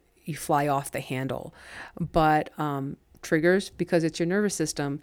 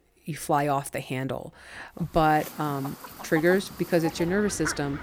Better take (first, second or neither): first